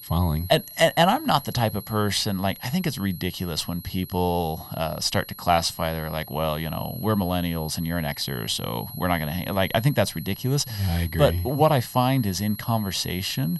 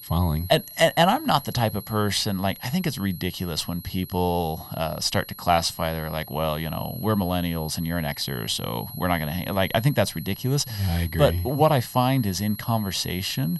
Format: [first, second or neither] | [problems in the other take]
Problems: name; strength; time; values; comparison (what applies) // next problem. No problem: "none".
neither | high-pitched whine; noticeable; throughout; 11.5 kHz, 15 dB below the speech; the same in both